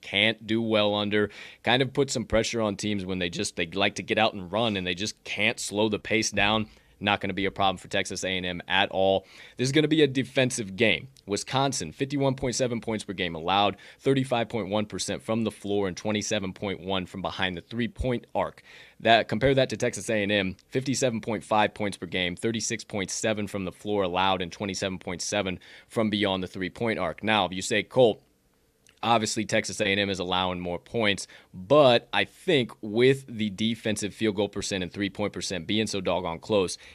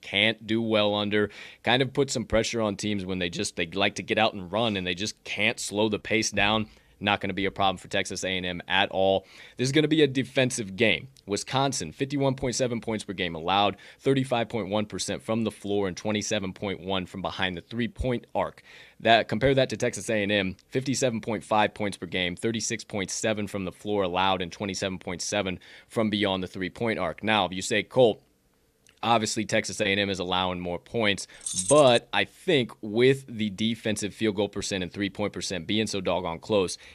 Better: first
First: none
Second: jangling keys; noticeable; at 31 s; peak 1 dB below the speech

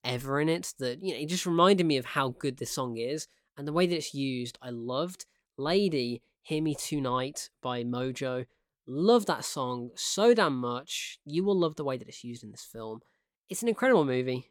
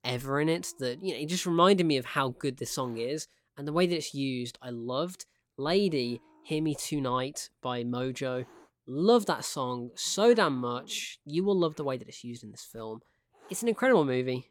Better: first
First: none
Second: hiss; faint; throughout; 30 dB below the speech

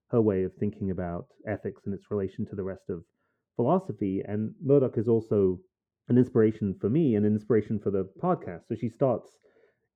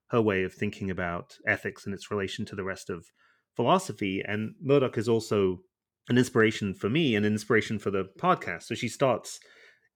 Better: second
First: muffled; very; fading above 1.5 kHz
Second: none

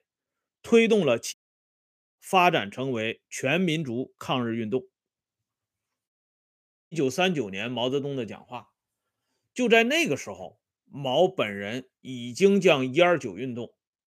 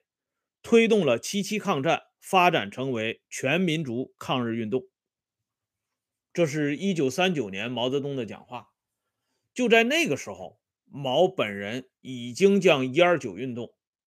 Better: second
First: audio cutting out; at 1.5 s for 1 s and at 6 s for 1 s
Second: none

